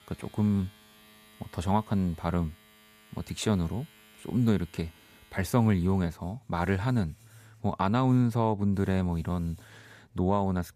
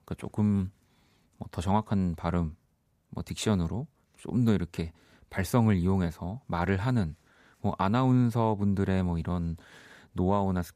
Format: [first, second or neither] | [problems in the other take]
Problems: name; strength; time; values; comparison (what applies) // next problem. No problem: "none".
second | household noises; faint; throughout; 25 dB below the speech